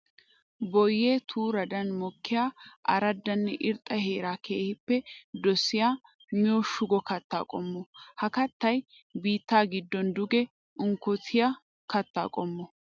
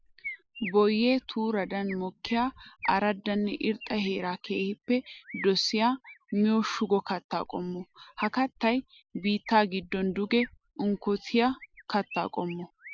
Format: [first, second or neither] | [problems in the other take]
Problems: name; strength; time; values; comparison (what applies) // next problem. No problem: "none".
first | noise reduction (neural mask model Resemble Enhance denoiser)